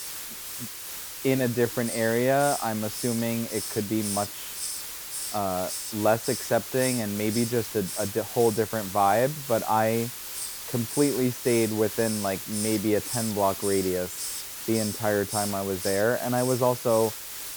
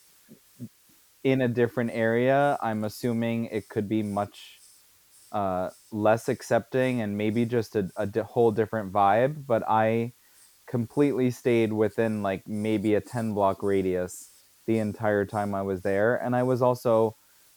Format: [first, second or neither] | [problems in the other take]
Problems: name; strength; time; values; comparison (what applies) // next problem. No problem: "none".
second | hiss; loud; throughout; 6 dB below the speech; faint in the second